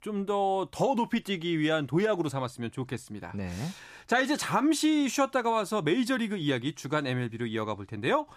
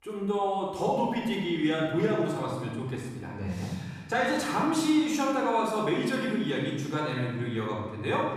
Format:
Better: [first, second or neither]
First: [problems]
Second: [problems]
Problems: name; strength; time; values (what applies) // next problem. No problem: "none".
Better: first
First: none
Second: room echo; noticeable; dies away in 1.3 s // off-mic speech; far